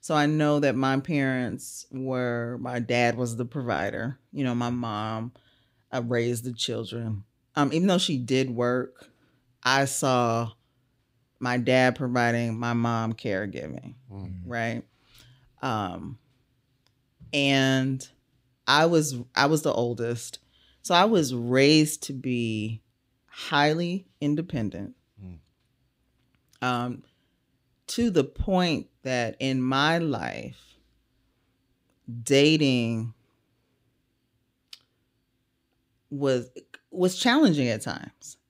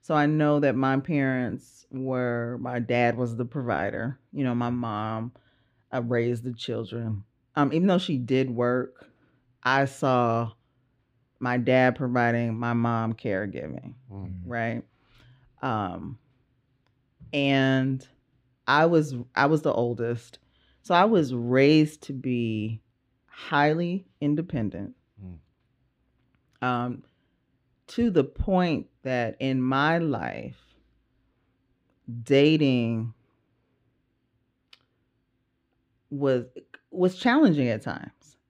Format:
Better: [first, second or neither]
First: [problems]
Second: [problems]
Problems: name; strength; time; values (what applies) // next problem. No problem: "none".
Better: first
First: none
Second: muffled; slightly; fading above 4 kHz